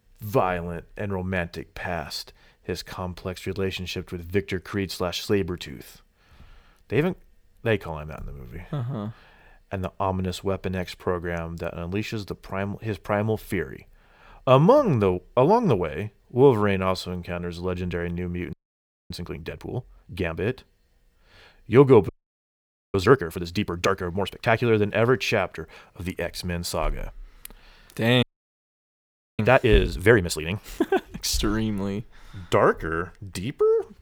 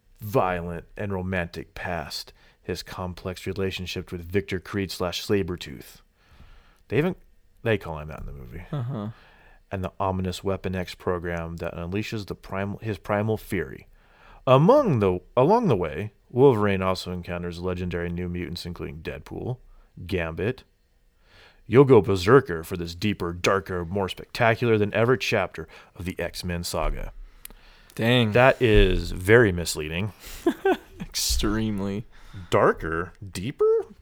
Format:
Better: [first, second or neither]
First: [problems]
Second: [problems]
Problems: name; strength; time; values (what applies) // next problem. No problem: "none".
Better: second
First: audio freezing; at 19 s for 0.5 s, at 22 s for 1 s and at 28 s for 1 s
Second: none